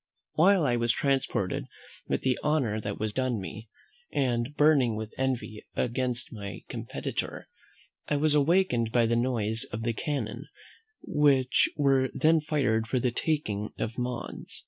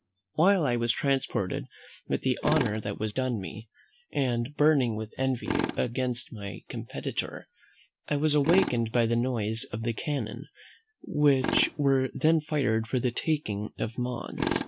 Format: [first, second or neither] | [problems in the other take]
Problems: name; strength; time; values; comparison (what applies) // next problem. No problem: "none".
first | background sound (Tools); 10 dB below the speech